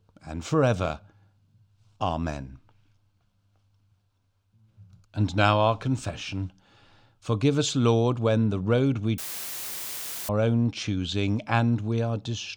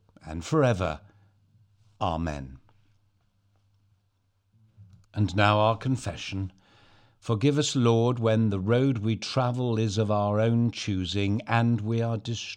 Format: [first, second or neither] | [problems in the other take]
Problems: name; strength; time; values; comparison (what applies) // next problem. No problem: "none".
second | audio cutting out; filled with static; at 9 s for 1 s